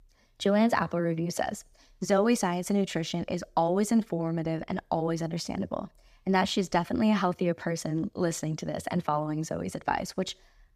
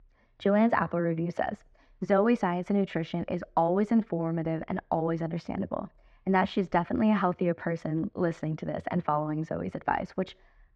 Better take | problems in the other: first | muffled; very; fading above 2 kHz

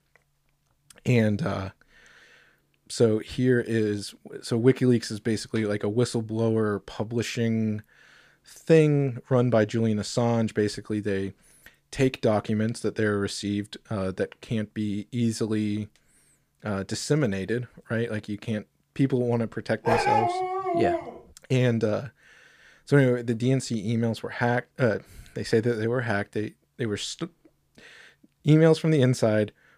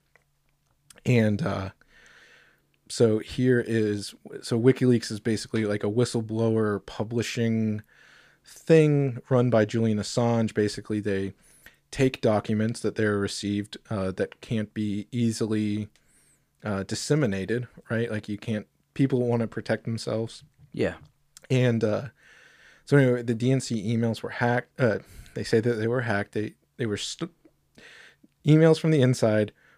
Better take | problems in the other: second | dog barking; loud; from 20 to 21 s; peak 3 dB above the speech

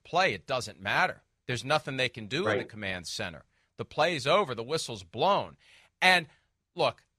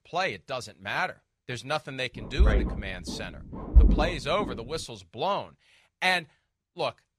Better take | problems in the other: first | low rumble; noticeable; from 2 to 5 s; 10 dB below the speech

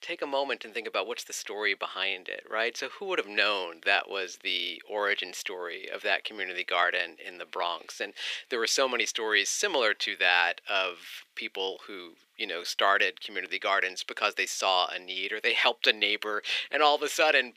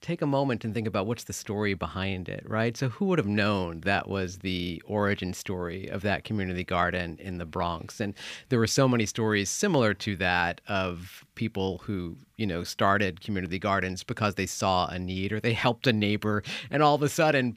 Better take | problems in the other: second | thin; very; fading below 400 Hz

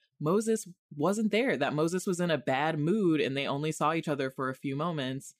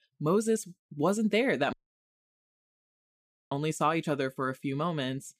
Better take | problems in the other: first | audio cutting out; at 1.5 s for 2 s

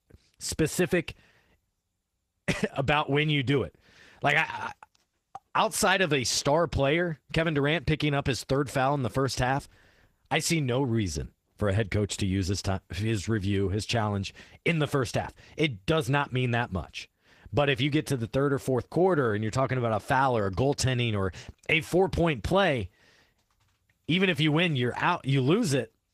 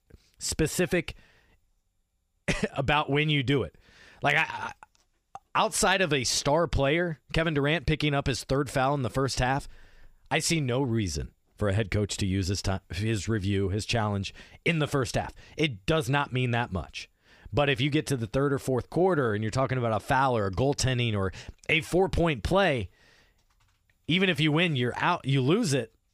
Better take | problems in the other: second | garbled, watery; slightly

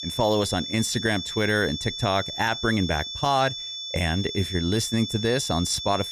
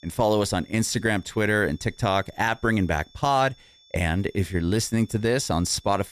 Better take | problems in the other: second | high-pitched whine; loud; throughout; 3.5 kHz, 6 dB below the speech; faint in the second

